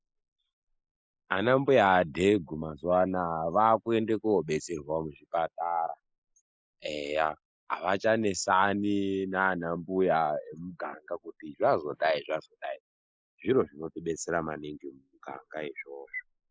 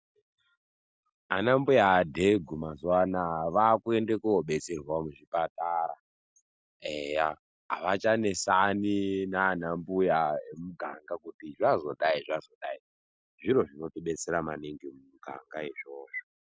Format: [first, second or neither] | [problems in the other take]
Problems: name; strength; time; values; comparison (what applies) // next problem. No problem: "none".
second | noise reduction (neural mask model Resemble Enhance denoiser)